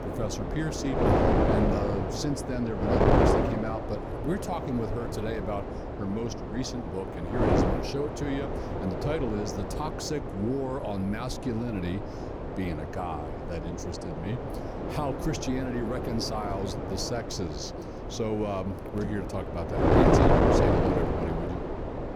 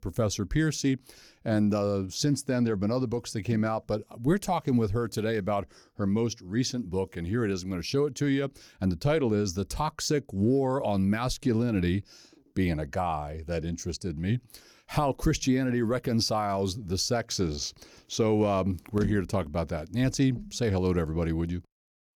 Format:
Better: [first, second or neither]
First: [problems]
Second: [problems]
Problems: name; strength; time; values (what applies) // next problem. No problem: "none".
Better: second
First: wind noise on the microphone; heavy; 5 dB above the speech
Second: none